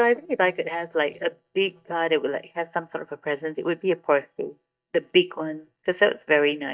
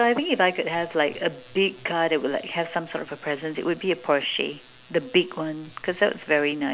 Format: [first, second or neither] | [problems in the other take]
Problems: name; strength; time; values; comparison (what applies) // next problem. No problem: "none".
second | noise reduction (neural mask model DeepFilterNet 3)